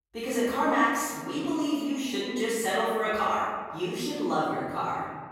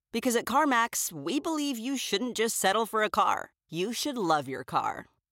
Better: second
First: off-mic speech; far // room echo; strong; dies away in 1.6 s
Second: none

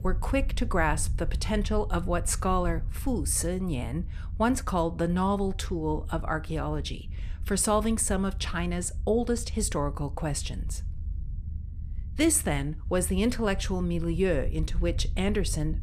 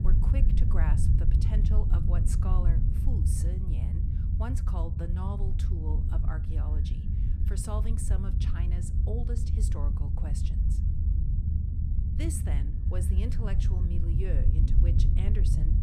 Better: first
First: low rumble; faint; throughout; 25 dB below the speech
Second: low rumble; loud; throughout; as loud as the speech

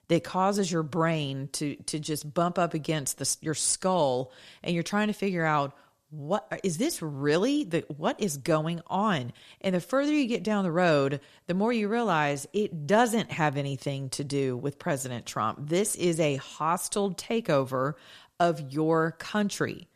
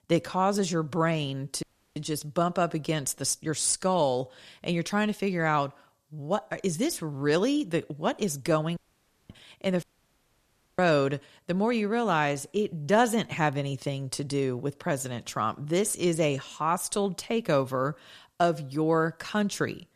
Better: first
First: none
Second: audio cutting out; at 1.5 s, at 9 s for 0.5 s and at 10 s for 1 s

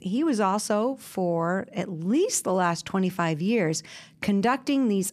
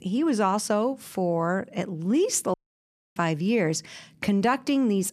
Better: first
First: none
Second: audio cutting out; at 2.5 s for 0.5 s

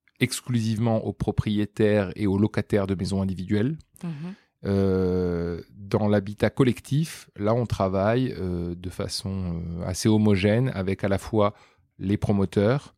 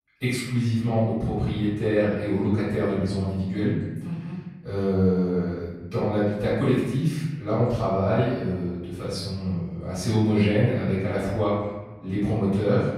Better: first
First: none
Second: off-mic speech; far // room echo; strong; dies away in 1.2 s

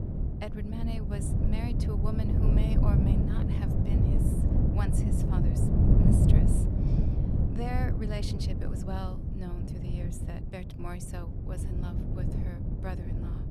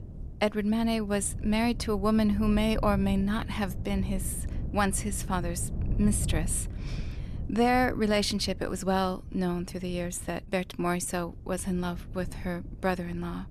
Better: second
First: wind noise on the microphone; heavy; 3 dB above the speech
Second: wind noise on the microphone; occasional gusts; 20 dB below the speech

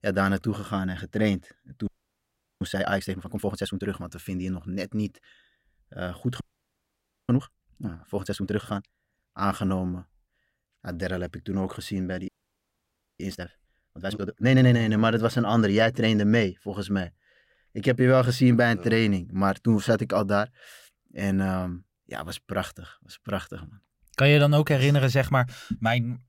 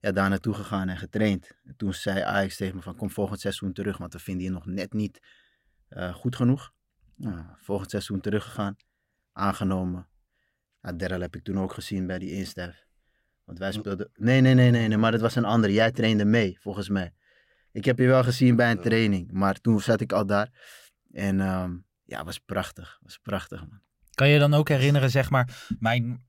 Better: second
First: audio freezing; at 2 s for 0.5 s, at 6.5 s for 1 s and at 12 s for 1 s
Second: none

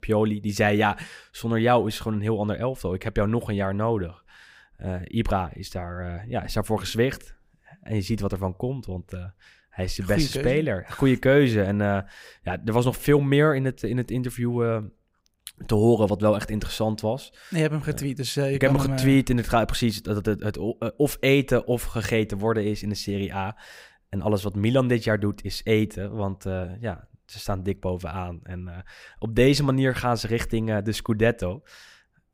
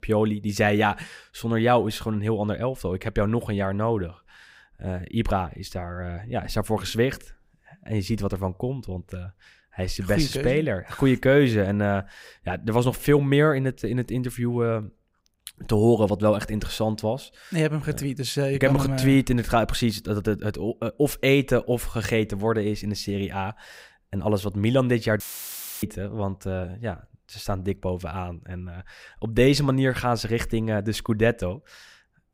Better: first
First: none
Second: audio cutting out; filled with static; at 25 s for 0.5 s

